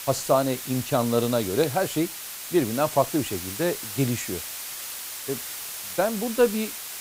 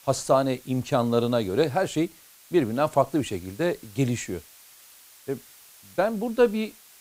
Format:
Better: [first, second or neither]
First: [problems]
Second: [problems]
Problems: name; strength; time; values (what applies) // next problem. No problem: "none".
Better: second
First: hiss; loud; throughout; 7 dB below the speech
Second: hiss; faint; throughout; 25 dB below the speech